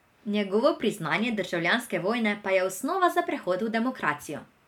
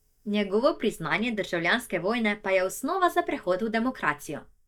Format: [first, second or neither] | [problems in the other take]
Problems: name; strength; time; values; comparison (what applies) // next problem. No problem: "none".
first | noise reduction (neural mask model DeepFilterNet 3)